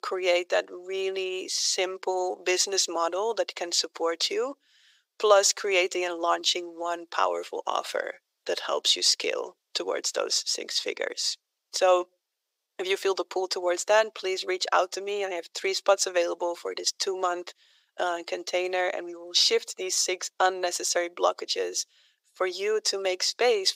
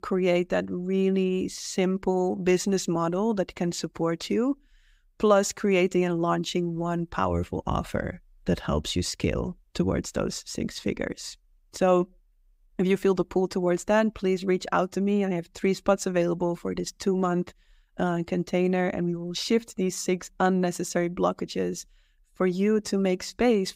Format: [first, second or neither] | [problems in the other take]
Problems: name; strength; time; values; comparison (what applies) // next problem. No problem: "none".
second | thin; very; fading below 400 Hz